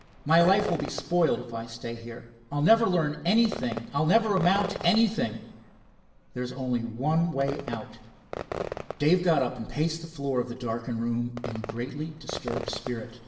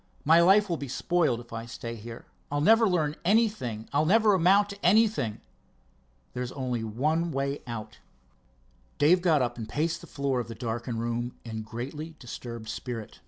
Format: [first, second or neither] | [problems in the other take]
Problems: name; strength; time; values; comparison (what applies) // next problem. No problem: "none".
second | background sound (Fireworks); 12 dB below the speech // room echo; dies away in 0.9 s